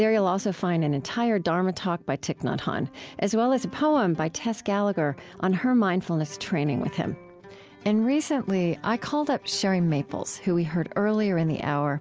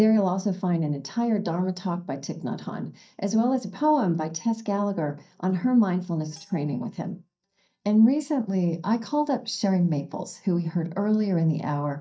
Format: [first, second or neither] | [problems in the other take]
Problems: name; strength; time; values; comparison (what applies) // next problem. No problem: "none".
first | noise reduction (neural mask model DeepFilterNet 3)